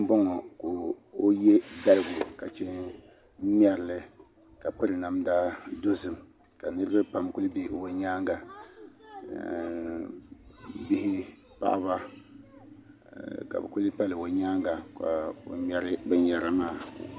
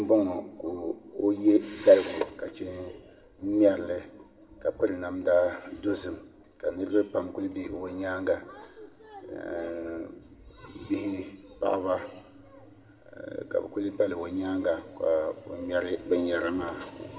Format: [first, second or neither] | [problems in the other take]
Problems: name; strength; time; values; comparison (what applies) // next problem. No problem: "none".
first | room echo; dies away in 0.9 s